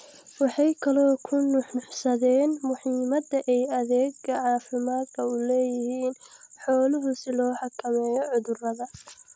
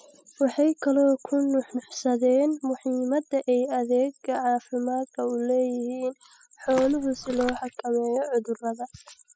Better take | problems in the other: first | noise reduction (classical method spectral subtraction)

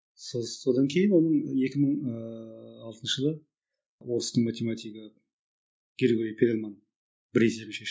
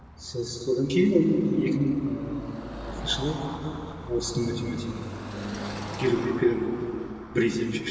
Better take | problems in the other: first | background sound (Car passing by / Traffic noise, roadway noise); 11 dB below the speech // room echo; dies away in 2.6 s

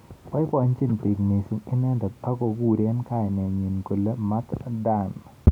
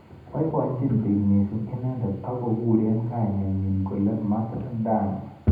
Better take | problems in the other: first | room echo; dies away in 0.8 s

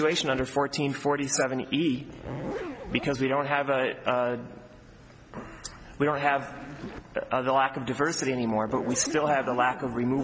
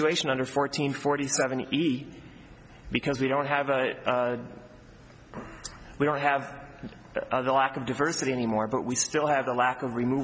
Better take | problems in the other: second | background sound (Zipper (clothing)); 14 dB below the speech

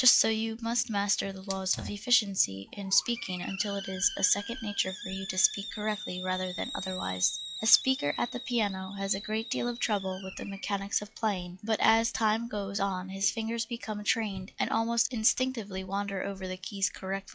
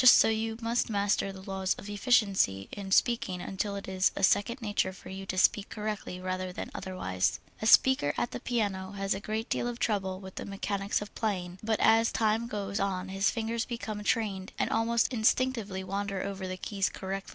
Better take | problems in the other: second | noise reduction (classical method log-MMSE)

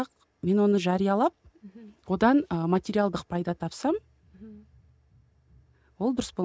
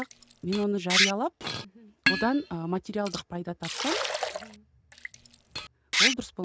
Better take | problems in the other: first | background sound (Liquid); 1 dB above the speech

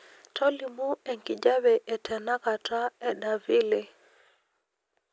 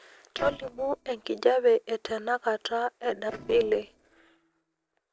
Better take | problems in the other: first | noise reduction (neural separator model SepFormer DNS4)

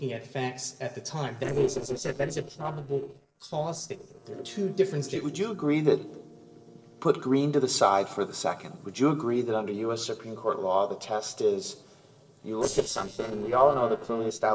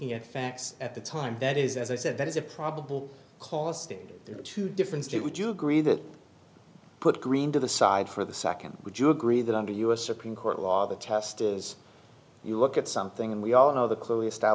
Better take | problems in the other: second | noise reduction (neural separator model SepFormer DNS4)

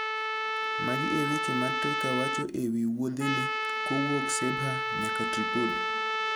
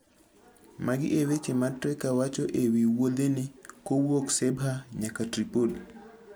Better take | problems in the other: second | background sound (Trumpet); 2 dB above the speech

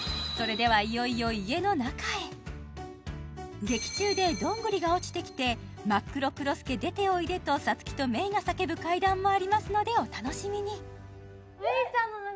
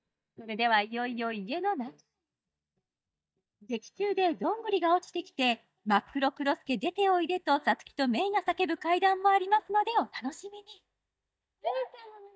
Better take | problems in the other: first | noise reduction (neural mask model DeepFilterNet 3)

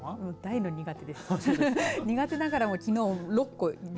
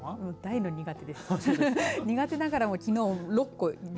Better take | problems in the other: second | background sound (Squeak / Screech); 19 dB below the speech

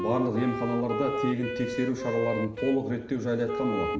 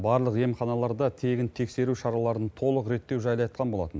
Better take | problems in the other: second | background sound (Wind instrument, woodwind instrument); 5 dB below the speech // room echo; dies away in 0.7 s

